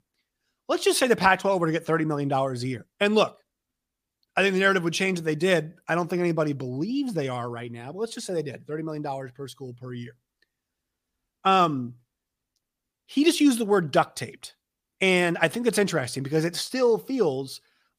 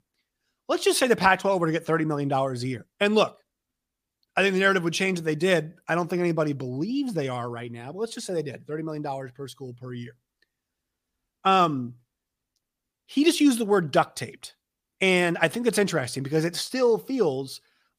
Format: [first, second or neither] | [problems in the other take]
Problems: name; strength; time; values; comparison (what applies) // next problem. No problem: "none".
neither | none